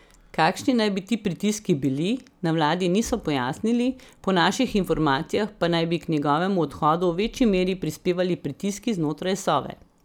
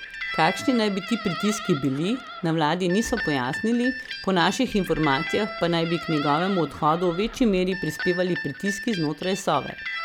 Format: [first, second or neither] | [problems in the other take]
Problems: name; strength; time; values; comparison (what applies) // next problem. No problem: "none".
first | background sound (Guitar); 10 dB below the speech